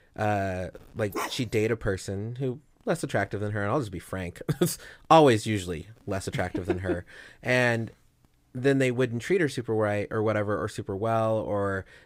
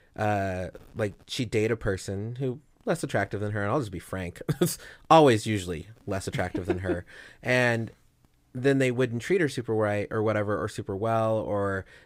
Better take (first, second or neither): second